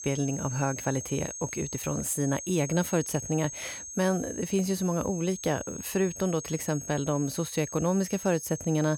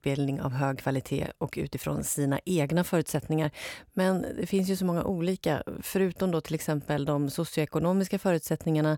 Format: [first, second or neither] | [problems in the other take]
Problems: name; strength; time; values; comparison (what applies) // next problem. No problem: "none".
second | high-pitched whine; loud; throughout; 6.5 kHz, 8 dB below the speech